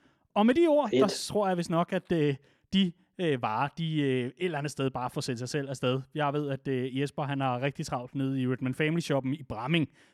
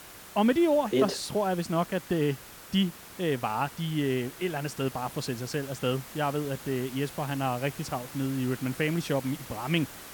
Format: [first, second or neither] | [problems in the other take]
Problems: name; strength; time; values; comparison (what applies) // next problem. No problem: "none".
first | hiss; noticeable; throughout; 15 dB below the speech